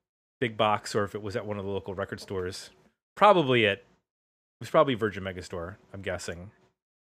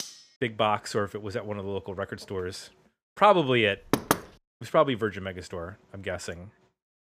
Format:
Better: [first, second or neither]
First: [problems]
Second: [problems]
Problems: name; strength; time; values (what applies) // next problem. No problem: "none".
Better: first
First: none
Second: clattering dishes; faint; at the start; peak 10 dB below the speech // door banging; loud; at 4 s; peak 1 dB above the speech